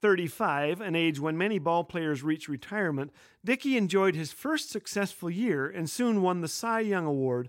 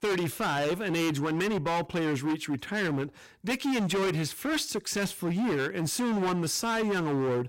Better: first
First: none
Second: distortion; heavy; 29% of the sound clipped

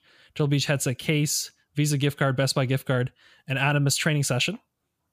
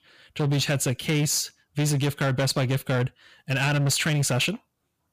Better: first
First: none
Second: distortion; slight; 15% of the sound clipped

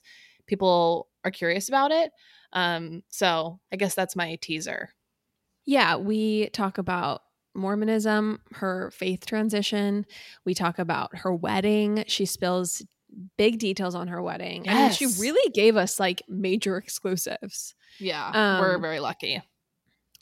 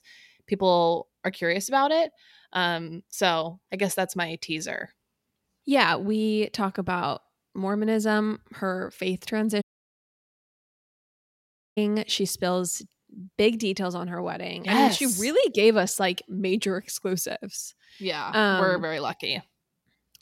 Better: first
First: none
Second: audio cutting out; at 9.5 s for 2 s

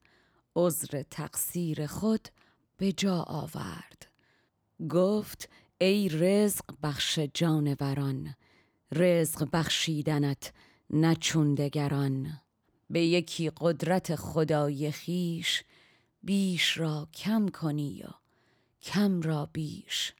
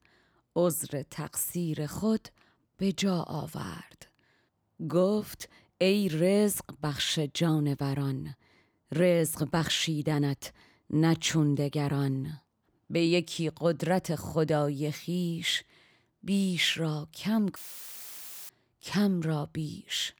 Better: first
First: none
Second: audio cutting out; filled with static; at 18 s for 1 s

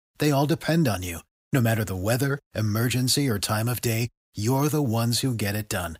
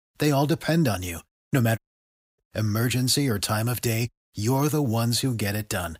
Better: first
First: none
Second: audio cutting out; at 2 s for 0.5 s

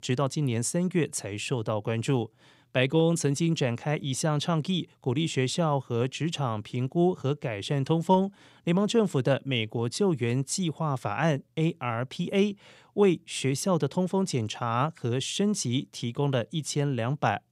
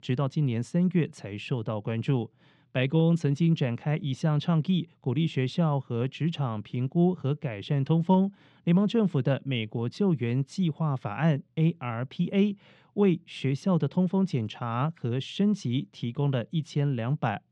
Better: first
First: none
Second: muffled; slightly; fading above 3 kHz

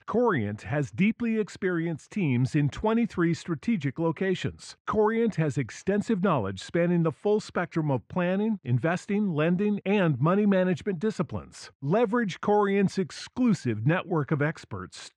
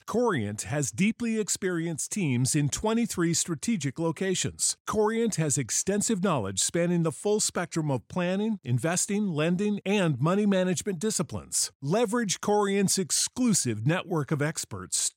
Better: second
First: muffled; very; fading above 2 kHz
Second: none

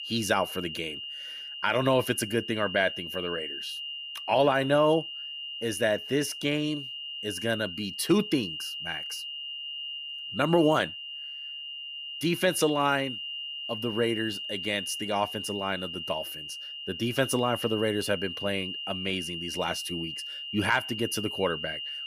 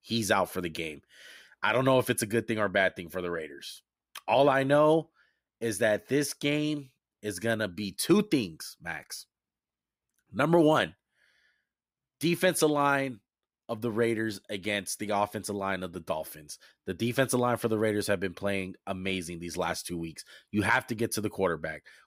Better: second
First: high-pitched whine; loud; throughout; 3 kHz, 7 dB below the speech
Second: none

